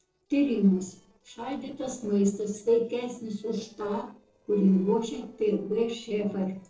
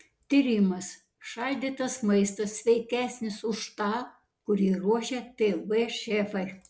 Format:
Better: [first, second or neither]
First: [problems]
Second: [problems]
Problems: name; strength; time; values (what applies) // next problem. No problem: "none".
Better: second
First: noise reduction (neural separator model SepFormer DNS4)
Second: none